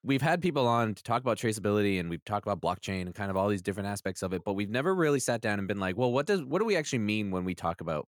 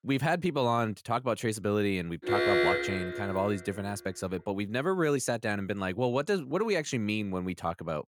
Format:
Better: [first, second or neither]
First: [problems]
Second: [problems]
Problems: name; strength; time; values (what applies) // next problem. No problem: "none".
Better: first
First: none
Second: alarm; loud; from 2 to 3.5 s; peak 6 dB above the speech